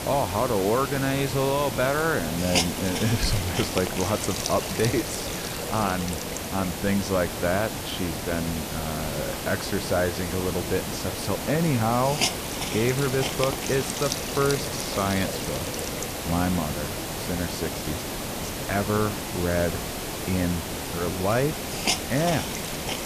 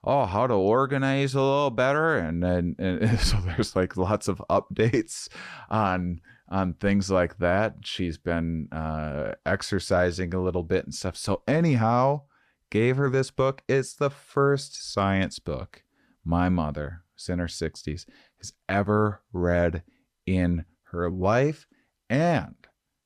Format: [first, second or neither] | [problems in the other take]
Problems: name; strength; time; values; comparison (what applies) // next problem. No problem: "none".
second | hiss; loud; throughout; 2 dB below the speech